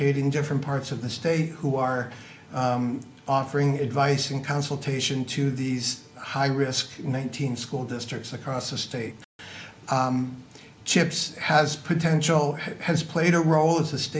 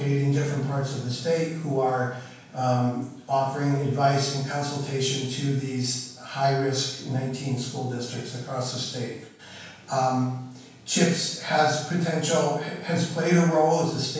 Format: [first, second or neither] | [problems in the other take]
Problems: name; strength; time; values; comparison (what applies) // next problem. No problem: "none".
first | room echo; dies away in 0.7 s